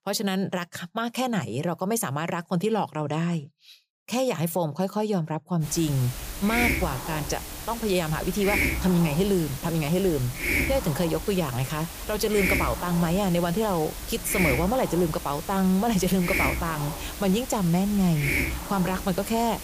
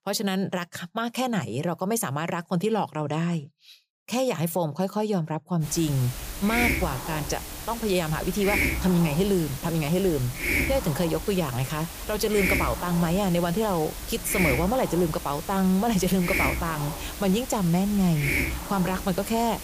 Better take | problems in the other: neither | hiss; loud; from 5.5 s on; 4 dB below the speech; the same in both

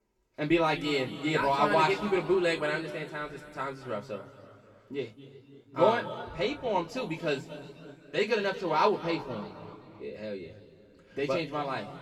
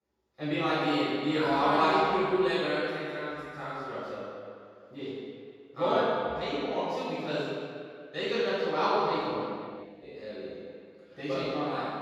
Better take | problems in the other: first | room echo; strong; dies away in 2.1 s; slight in the first // off-mic speech; far; far in the first

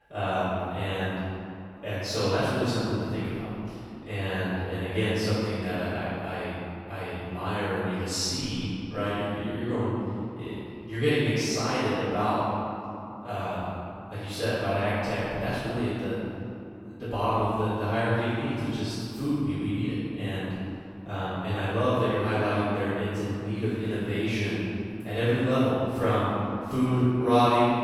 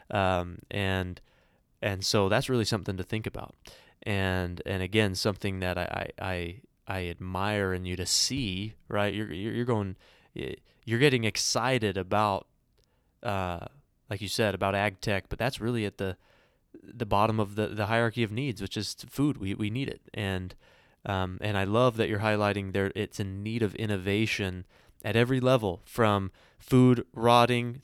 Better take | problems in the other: second | off-mic speech; far // room echo; strong; dies away in 2.7 s

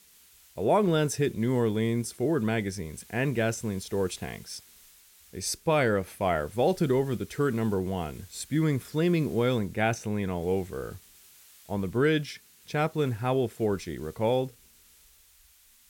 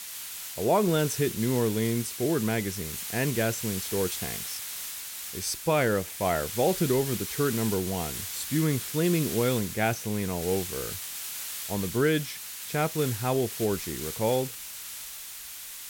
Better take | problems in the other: first | hiss; loud; throughout; 6 dB below the speech; faint in the first

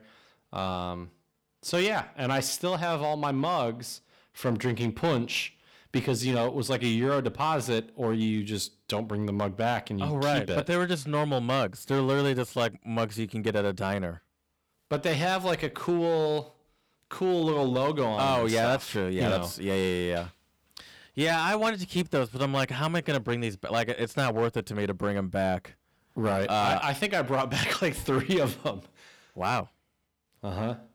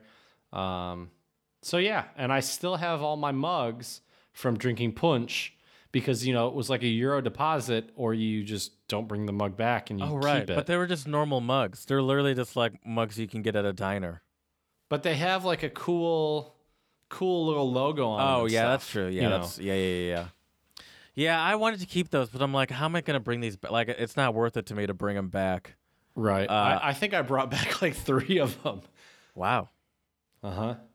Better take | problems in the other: second | distortion; slight; 5% of the sound clipped

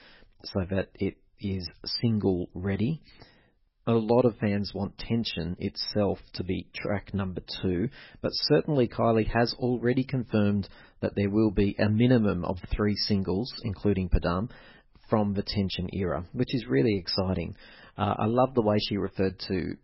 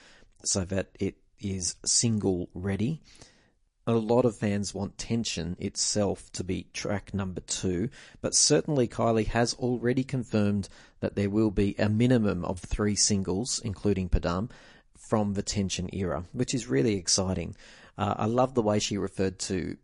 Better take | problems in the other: second | garbled, watery; badly; nothing above 5.5 kHz; slightly in the second

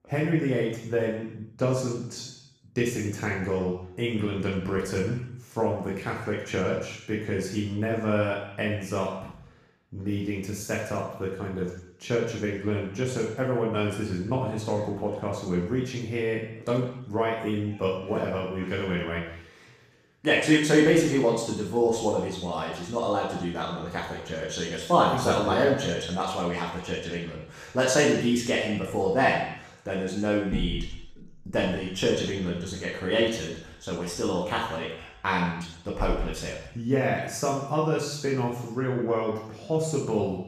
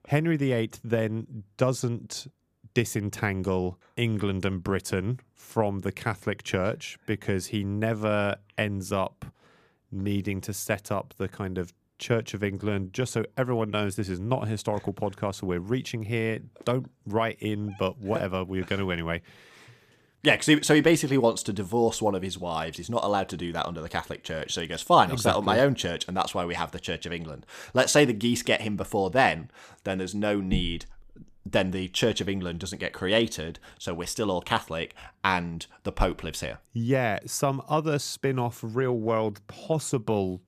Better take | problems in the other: second | room echo; noticeable; dies away in 0.7 s // off-mic speech; far

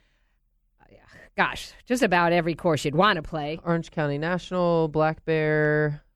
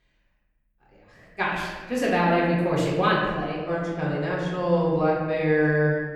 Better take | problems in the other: first | room echo; noticeable; dies away in 1.3 s // off-mic speech; far

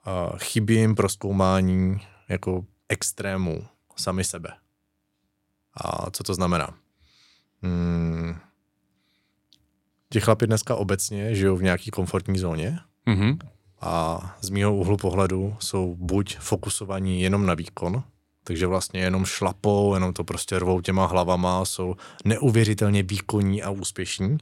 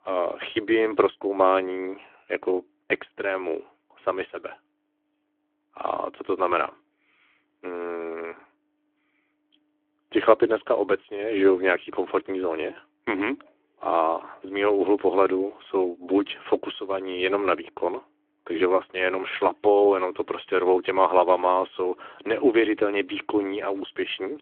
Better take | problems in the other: first | phone-call audio

